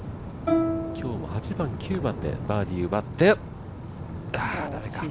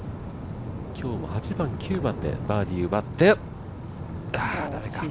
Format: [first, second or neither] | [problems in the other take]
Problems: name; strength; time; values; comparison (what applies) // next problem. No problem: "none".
second | background sound (Plucked string instrument); 2 dB below the speech